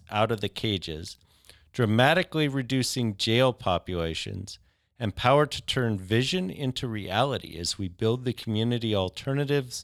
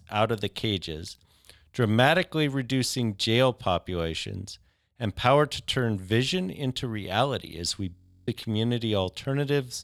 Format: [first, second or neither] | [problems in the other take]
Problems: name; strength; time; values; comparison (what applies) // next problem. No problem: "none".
first | audio freezing; at 8 s